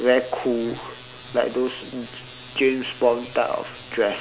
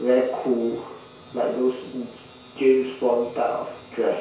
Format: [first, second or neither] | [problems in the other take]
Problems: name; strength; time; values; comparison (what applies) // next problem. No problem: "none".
first | room echo; dies away in 0.6 s